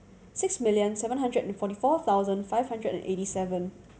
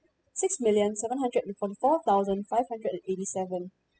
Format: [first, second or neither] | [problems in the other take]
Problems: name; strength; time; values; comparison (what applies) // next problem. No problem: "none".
first | noise reduction (classical method spectral subtraction)